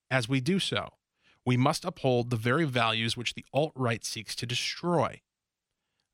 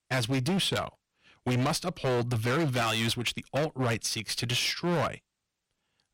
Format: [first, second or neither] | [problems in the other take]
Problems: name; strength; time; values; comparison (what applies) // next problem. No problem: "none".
first | distortion; heavy; 16% of the sound clipped